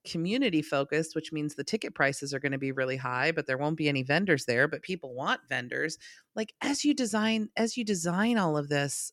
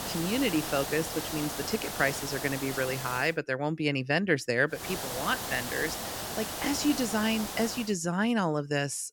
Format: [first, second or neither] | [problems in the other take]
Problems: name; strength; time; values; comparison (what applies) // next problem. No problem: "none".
first | hiss; loud; until 3.5 s and from 5 to 8 s; 5 dB below the speech